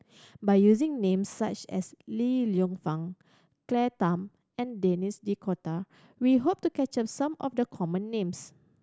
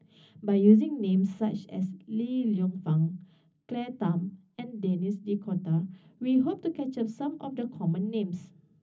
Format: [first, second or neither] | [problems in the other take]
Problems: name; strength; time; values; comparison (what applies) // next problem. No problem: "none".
first | room echo; dies away in 0.4 s